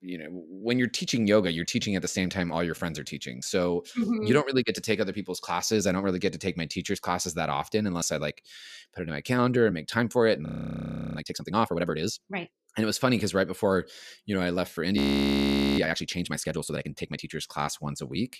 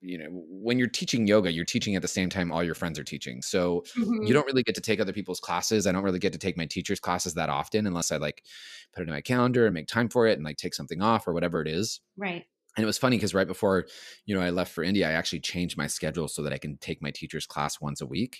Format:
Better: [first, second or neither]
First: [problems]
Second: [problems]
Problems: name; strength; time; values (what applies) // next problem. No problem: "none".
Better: second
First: audio freezing; at 10 s for 0.5 s and at 15 s for 1 s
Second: none